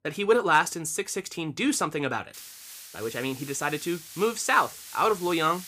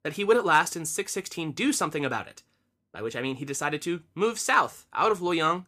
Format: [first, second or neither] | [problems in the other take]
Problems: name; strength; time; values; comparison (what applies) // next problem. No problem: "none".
second | hiss; noticeable; from 2.5 s on; 15 dB below the speech